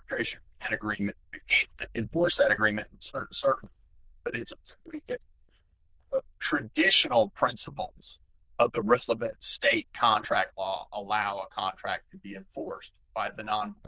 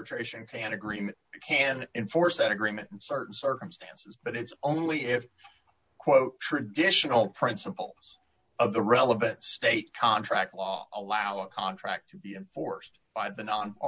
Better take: second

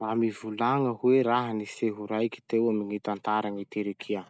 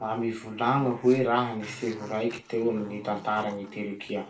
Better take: first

